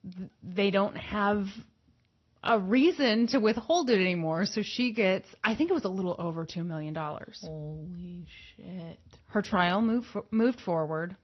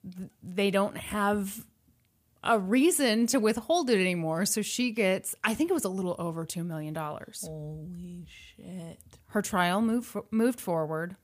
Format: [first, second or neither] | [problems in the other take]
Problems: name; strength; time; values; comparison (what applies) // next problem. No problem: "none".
second | garbled, watery; slightly; nothing above 6 kHz